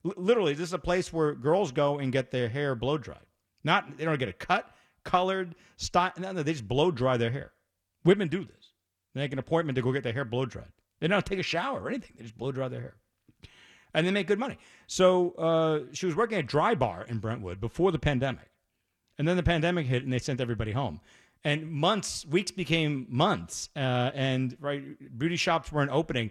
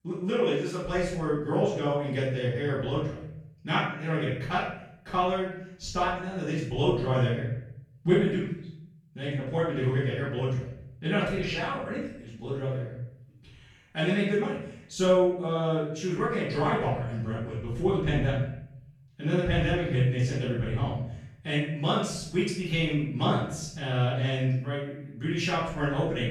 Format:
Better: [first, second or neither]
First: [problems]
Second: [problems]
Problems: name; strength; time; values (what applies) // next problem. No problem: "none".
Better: first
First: none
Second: off-mic speech; far // room echo; noticeable; dies away in 0.7 s